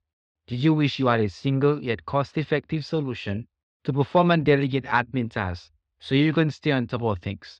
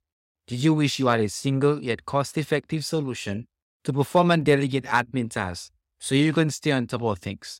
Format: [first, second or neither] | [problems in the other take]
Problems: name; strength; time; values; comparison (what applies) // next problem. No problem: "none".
second | muffled; very slightly; fading above 4 kHz